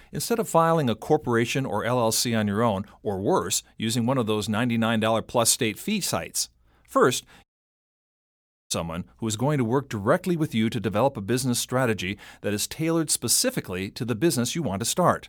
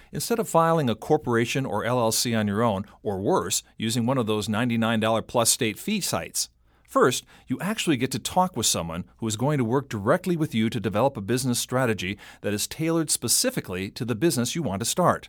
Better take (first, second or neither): second